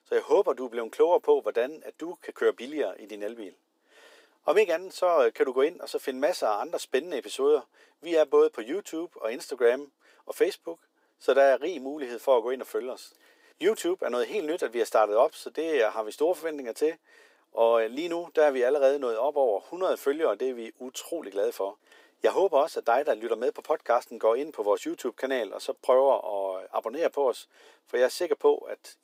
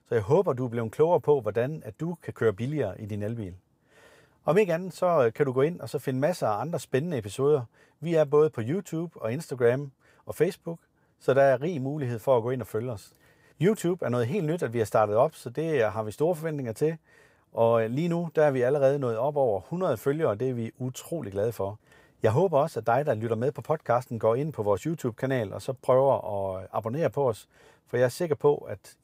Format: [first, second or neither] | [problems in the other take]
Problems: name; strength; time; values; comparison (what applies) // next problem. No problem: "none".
second | thin; somewhat; fading below 300 Hz